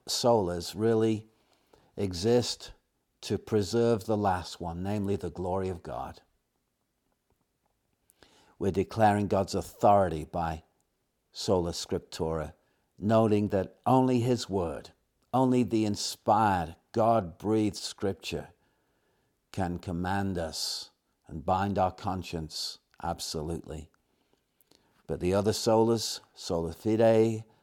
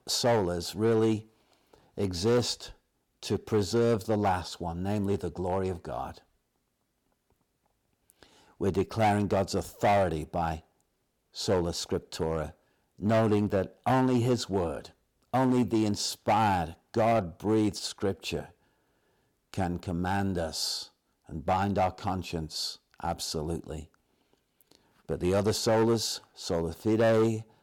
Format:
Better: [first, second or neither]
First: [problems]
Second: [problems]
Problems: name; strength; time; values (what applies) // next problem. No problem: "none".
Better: first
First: none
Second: distortion; slight; 4% of the sound clipped